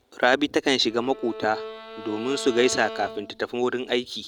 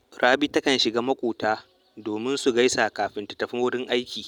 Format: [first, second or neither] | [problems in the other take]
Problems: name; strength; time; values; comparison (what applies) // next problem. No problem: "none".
second | background sound (Bowed string instrument); 13 dB below the speech